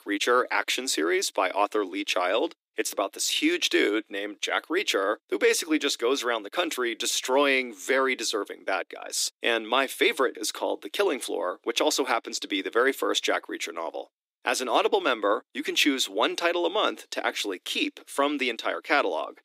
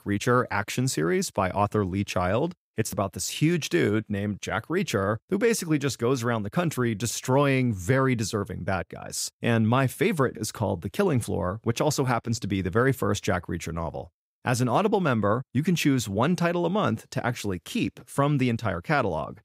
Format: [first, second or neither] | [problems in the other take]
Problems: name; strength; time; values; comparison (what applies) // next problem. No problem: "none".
second | thin; somewhat; fading below 300 Hz